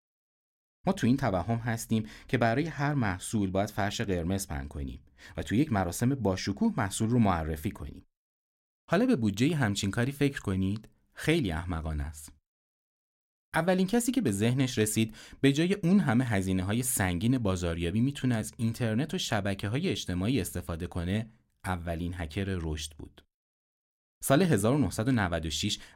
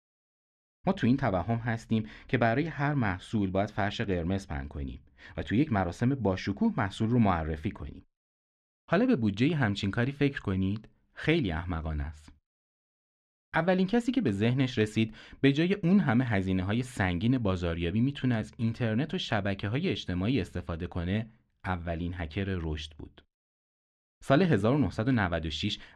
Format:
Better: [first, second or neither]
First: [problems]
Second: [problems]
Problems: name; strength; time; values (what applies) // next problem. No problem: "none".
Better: first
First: none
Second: muffled; slightly; fading above 3 kHz